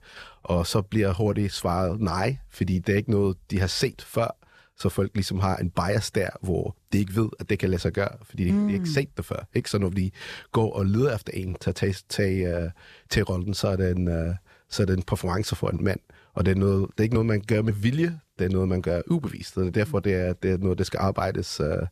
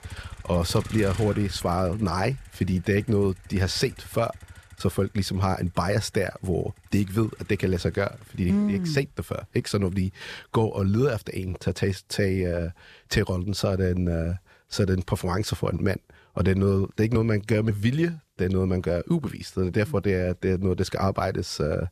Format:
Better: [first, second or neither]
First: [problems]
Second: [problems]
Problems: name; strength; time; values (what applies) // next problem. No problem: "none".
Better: first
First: none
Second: traffic noise; noticeable; throughout; 20 dB below the speech